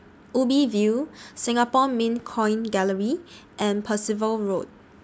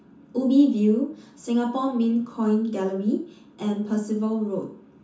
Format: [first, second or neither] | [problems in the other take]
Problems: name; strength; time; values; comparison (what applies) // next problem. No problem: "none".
first | room echo; dies away in 0.9 s